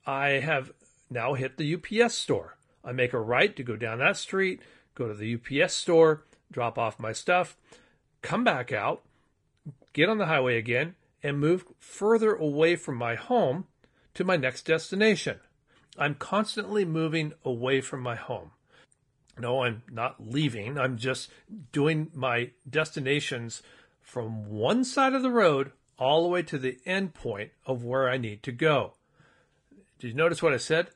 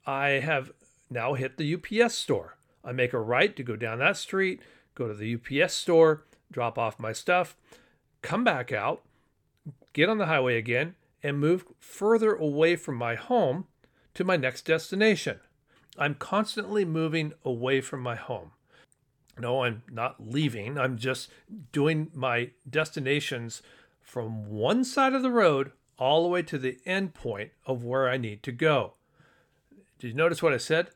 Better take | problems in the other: second | garbled, watery; slightly

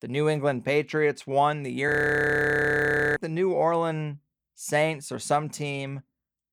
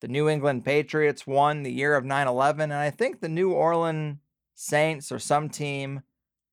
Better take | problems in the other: second | audio freezing; at 2 s for 1.5 s

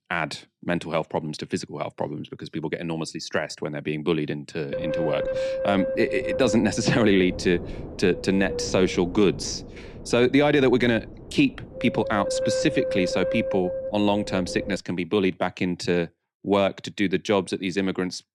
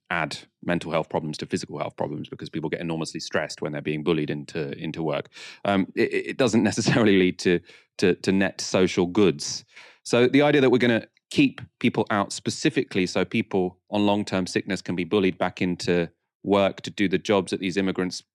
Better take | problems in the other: second | wind noise on the microphone; heavy; from 4.5 to 15 s; 4 dB below the speech

